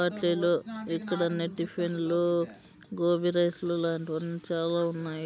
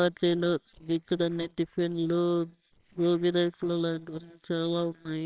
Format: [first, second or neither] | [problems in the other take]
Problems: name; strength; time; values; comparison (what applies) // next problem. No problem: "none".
first | noise reduction (neural separator model SepFormer WHAMR!)